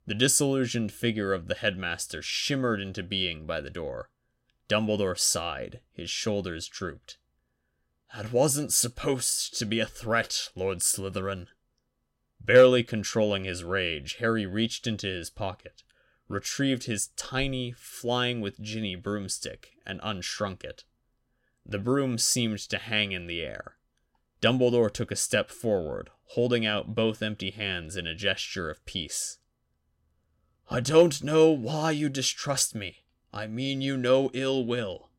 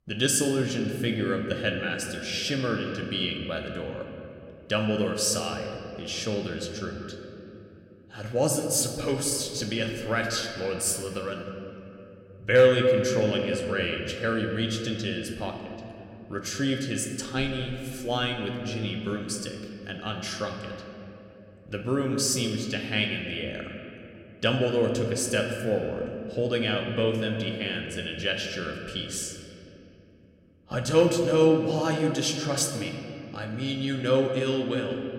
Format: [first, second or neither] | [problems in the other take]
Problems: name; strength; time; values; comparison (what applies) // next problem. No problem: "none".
first | room echo; slight; dies away in 2.7 s